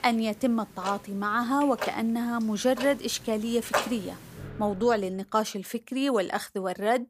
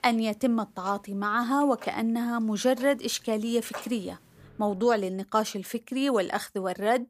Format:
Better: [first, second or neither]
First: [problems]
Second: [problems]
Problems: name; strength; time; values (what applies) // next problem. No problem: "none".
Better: second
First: household noises; loud; until 5 s; 8 dB below the speech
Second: household noises; faint; until 5 s; 20 dB below the speech